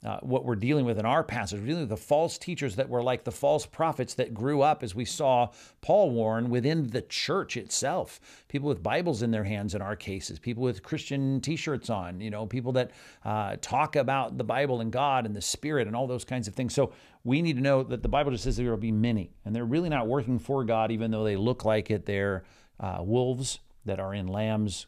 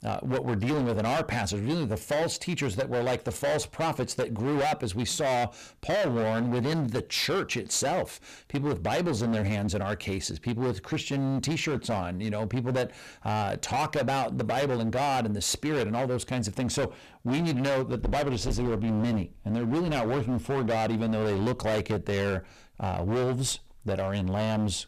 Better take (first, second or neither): first